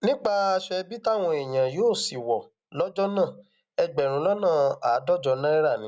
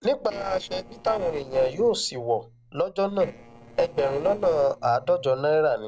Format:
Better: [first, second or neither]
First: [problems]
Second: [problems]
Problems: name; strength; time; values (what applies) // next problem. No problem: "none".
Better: first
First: none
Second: noise reduction (neural separator model SepFormer DNS4)